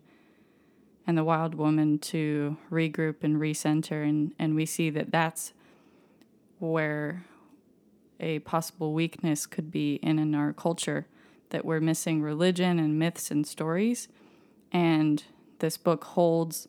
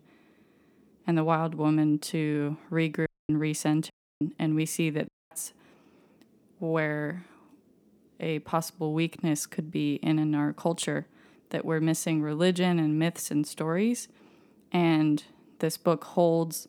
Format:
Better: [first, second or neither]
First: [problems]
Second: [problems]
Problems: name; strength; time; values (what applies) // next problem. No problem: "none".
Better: first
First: none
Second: audio cutting out; at 3 s, at 4 s and at 5 s